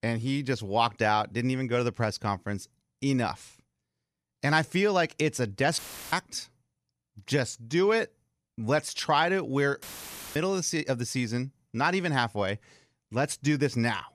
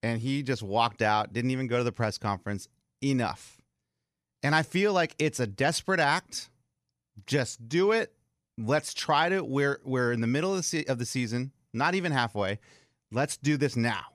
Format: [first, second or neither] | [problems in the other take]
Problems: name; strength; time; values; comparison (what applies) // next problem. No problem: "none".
second | audio cutting out; filled with static; at 6 s and at 10 s for 0.5 s